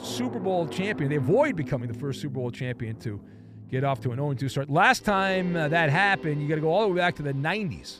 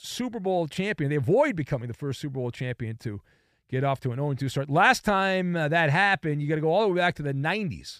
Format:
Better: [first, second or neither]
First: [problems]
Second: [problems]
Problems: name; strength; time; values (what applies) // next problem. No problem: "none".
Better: second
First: background music; noticeable; throughout; 15 dB below the speech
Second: none